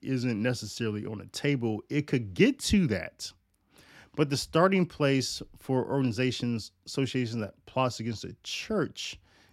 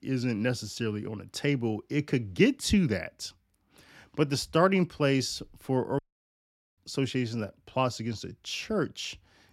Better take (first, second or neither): first